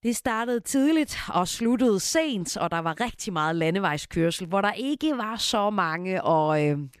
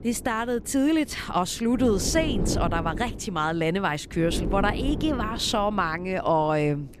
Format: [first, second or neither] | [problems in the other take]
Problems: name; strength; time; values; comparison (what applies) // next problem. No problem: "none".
first | wind noise on the microphone; occasional gusts; 10 dB below the speech